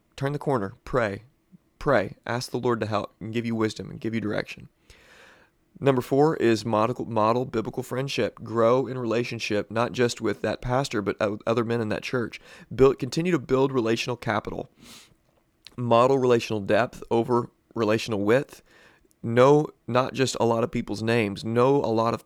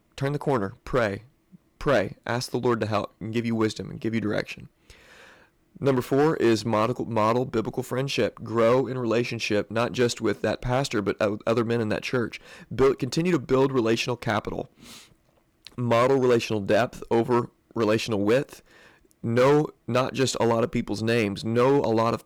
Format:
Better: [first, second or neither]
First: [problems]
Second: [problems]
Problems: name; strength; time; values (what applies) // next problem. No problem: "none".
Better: first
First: none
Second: distortion; slight; 4% of the sound clipped